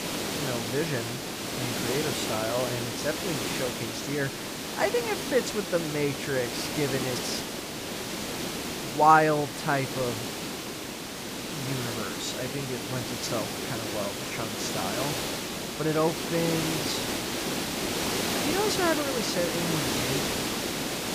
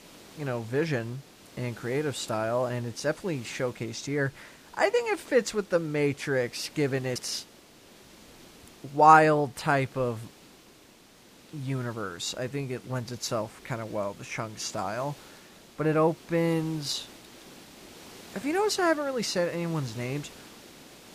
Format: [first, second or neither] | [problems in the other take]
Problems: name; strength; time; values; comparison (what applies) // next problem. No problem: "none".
second | hiss; loud; throughout; 1 dB below the speech; faint in the second